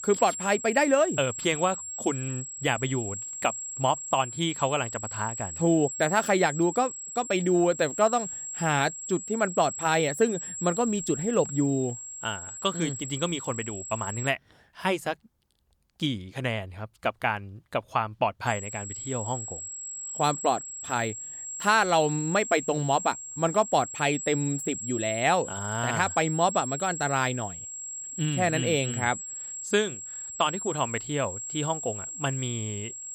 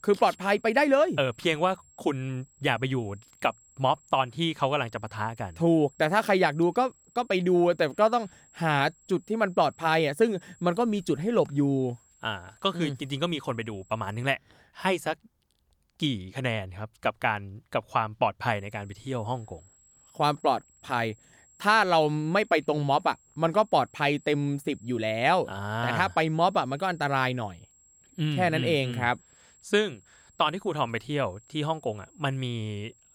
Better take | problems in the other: second | high-pitched whine; loud; until 14 s and from 18 s on; 7.5 kHz, 7 dB below the speech; faint in the second

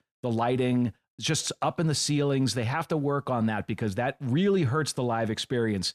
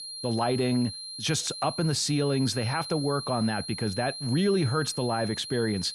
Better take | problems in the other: first | high-pitched whine; loud; throughout; 4 kHz, 8 dB below the speech

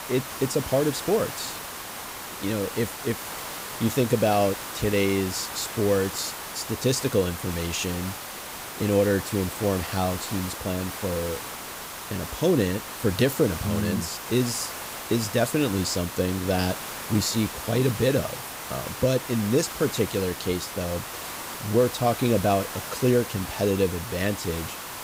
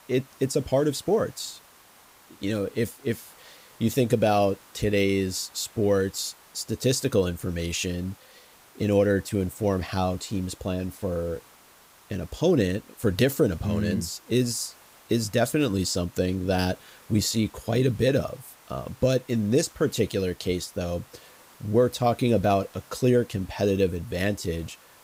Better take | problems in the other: second | hiss; loud; throughout; 8 dB below the speech; faint in the second

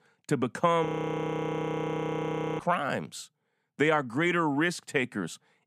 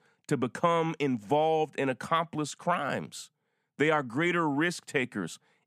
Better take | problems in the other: second | audio freezing; at 1 s for 1.5 s

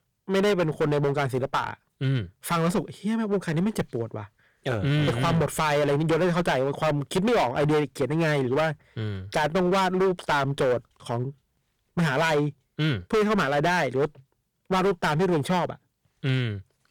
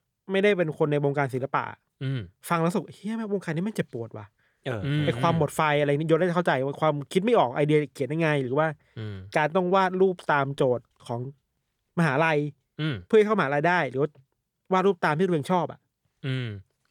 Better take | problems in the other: second | distortion; heavy; 14% of the sound clipped

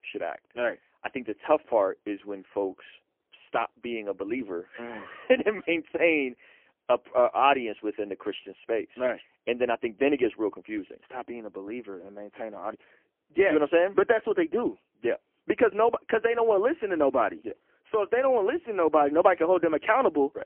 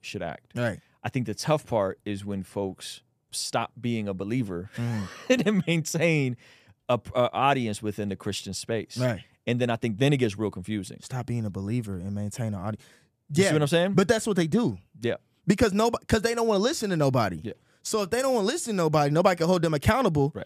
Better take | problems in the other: second | phone-call audio; poor line; nothing above 3 kHz

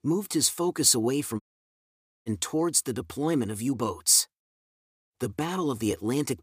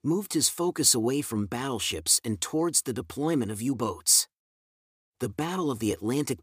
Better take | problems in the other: second | audio cutting out; at 1.5 s for 1 s

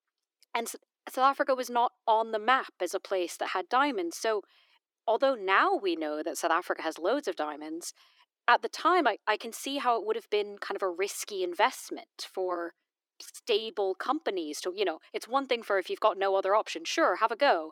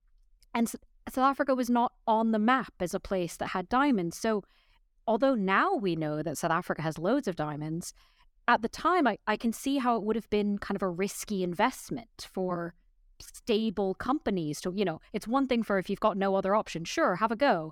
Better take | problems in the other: second | thin; somewhat; fading below 350 Hz

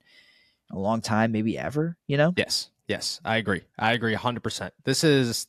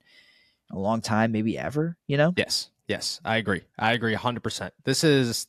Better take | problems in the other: neither | none

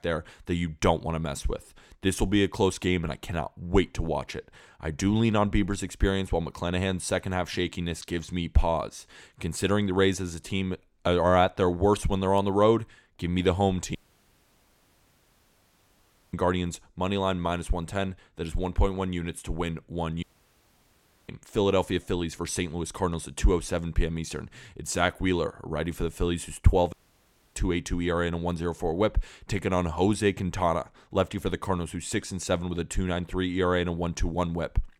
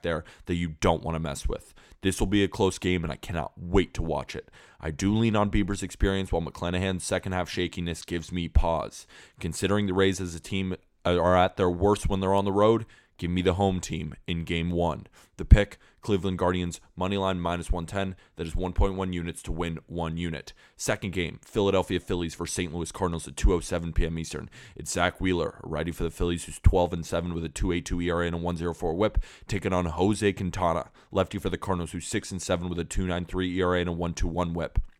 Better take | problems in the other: second | audio cutting out; at 14 s for 2.5 s, at 20 s for 1 s and at 27 s for 0.5 s

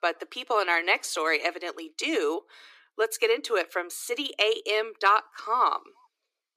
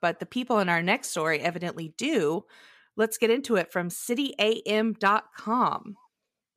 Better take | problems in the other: second | thin; very; fading below 300 Hz

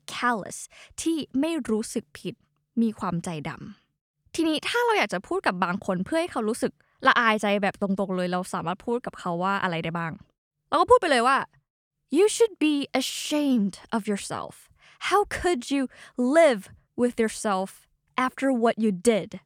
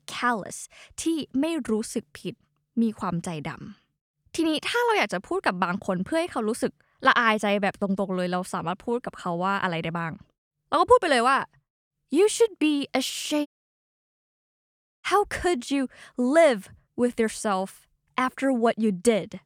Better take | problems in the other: first | audio cutting out; at 13 s for 1.5 s

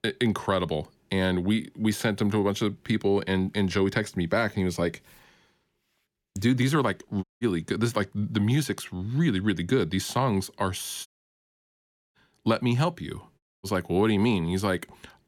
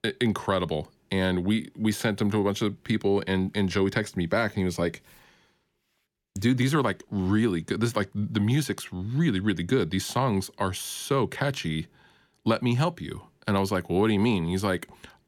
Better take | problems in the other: second | audio cutting out; at 7 s, at 11 s for 1 s and at 13 s

